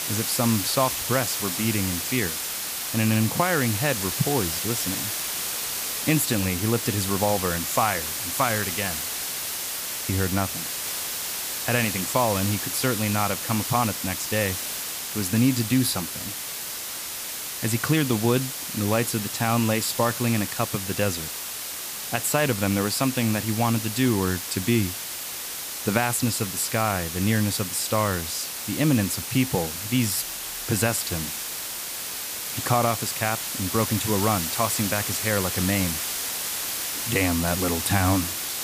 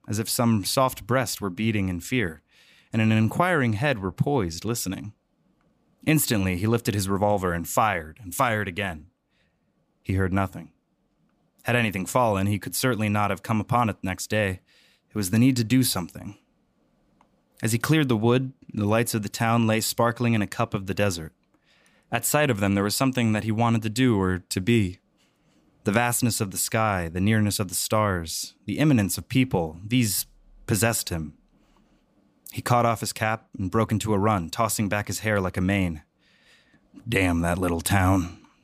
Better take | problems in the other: second | hiss; loud; throughout; 3 dB below the speech

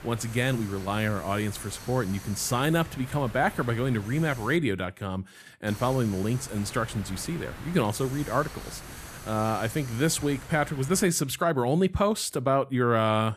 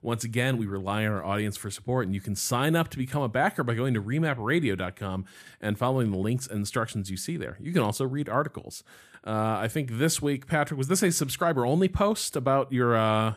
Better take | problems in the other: second | hiss; noticeable; until 4.5 s and from 5.5 to 11 s; 15 dB below the speech

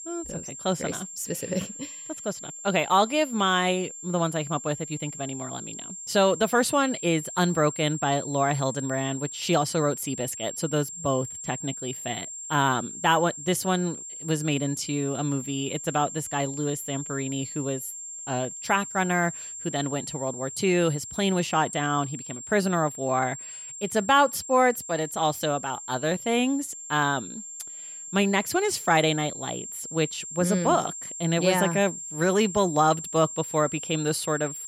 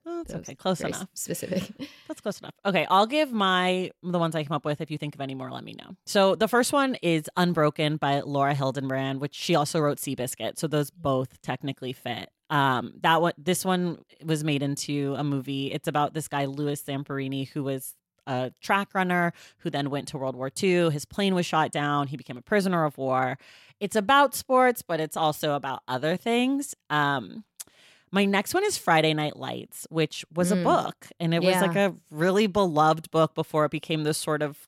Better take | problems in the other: second | high-pitched whine; loud; throughout; 7.5 kHz, 9 dB below the speech

